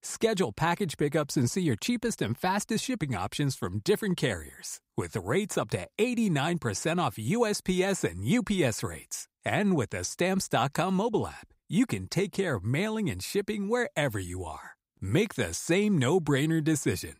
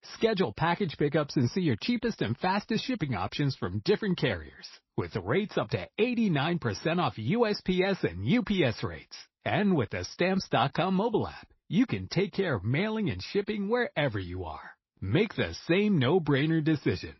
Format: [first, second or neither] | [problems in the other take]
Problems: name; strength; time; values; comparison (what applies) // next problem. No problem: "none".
first | garbled, watery; slightly; nothing above 6 kHz